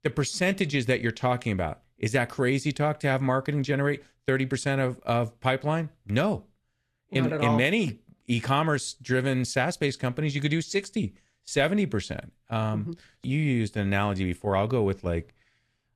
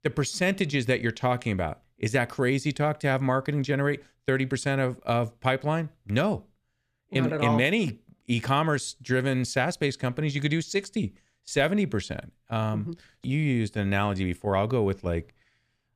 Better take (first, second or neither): second